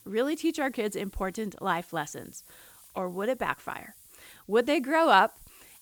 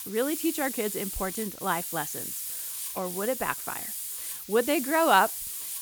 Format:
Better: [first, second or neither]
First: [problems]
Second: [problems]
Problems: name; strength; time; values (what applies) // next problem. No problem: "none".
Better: first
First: hiss; faint; throughout; 25 dB below the speech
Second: hiss; loud; throughout; 5 dB below the speech